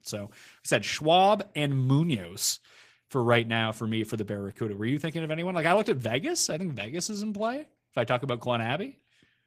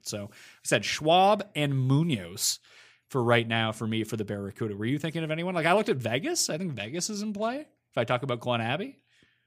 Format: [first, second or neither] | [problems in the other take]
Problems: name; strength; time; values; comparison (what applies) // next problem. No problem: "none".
second | garbled, watery; slightly; nothing above 15 kHz